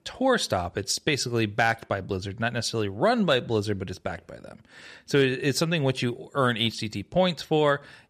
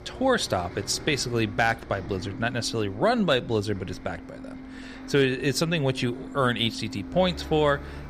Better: first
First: none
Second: traffic noise; noticeable; throughout; 15 dB below the speech

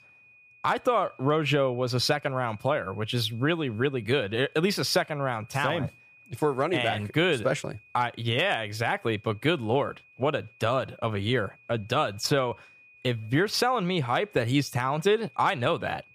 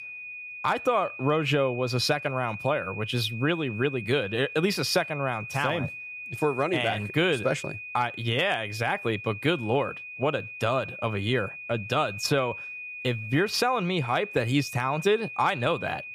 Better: first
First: high-pitched whine; faint; throughout; 2.5 kHz, 25 dB below the speech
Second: high-pitched whine; loud; throughout; 2.5 kHz, 10 dB below the speech

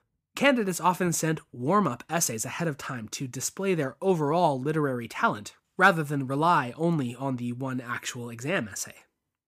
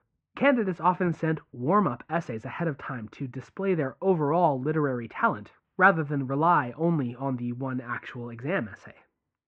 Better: first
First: none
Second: muffled; very; fading above 2 kHz

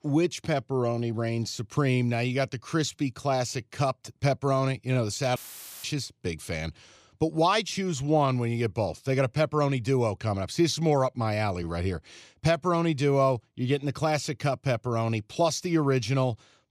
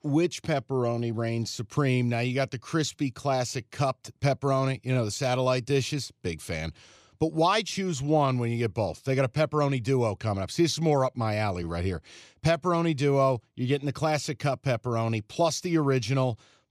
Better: second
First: audio cutting out; filled with static; at 5.5 s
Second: none

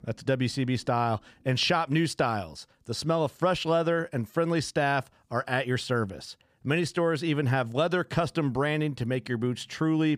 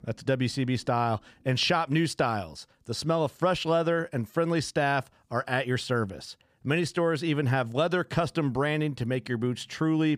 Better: neither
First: none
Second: none

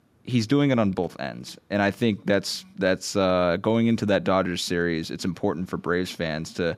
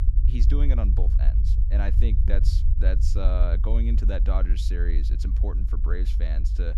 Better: first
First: none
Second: low rumble; loud; throughout; 6 dB below the speech

